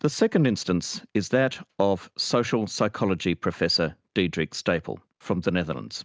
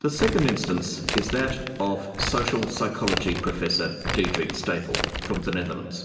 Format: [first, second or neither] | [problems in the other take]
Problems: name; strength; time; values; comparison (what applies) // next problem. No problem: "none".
first | background sound (Crumpling, crinkling); 5 dB below the speech // room echo; dies away in 2.4 s